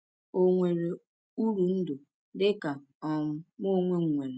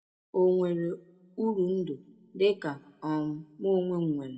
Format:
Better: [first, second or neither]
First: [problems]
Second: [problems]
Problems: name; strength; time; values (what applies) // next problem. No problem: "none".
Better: first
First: none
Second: room echo; dies away in 0.6 s